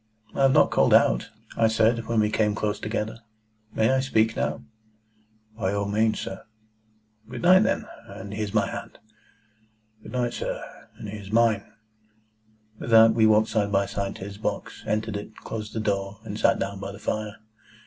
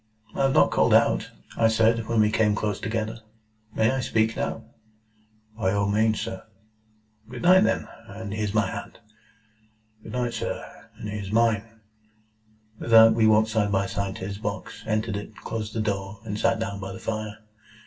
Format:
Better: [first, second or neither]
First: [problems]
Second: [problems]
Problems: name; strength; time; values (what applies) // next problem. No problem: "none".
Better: first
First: none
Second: room echo; dies away in 0.2 s